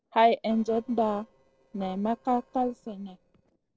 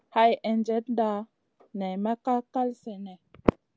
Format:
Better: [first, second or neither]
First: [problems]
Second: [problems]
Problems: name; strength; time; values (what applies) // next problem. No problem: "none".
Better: second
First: noise reduction (neural separator model SepFormer DNS4)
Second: none